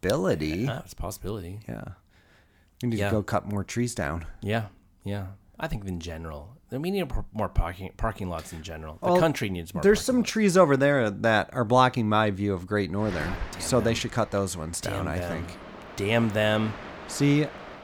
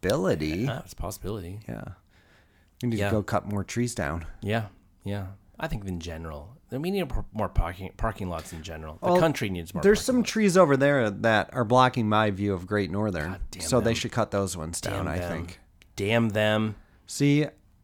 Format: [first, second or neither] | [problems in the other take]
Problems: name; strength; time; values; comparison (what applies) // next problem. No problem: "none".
second | train or aircraft noise; noticeable; from 13 s on; 15 dB below the speech